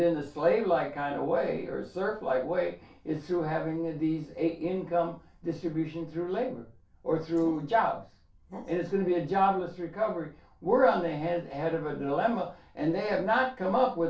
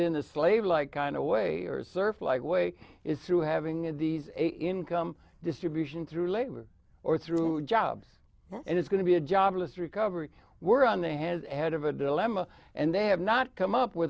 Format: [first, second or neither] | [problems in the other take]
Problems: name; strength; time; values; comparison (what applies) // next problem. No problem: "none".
second | room echo; dies away in 0.3 s